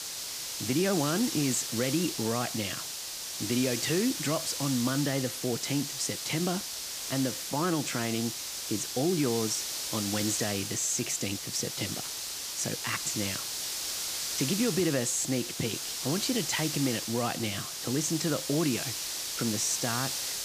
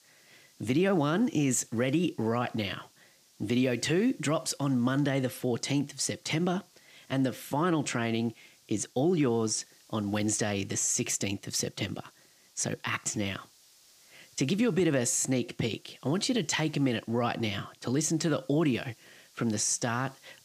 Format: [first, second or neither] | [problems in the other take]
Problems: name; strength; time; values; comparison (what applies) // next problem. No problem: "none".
second | hiss; loud; throughout; 2 dB below the speech; faint in the second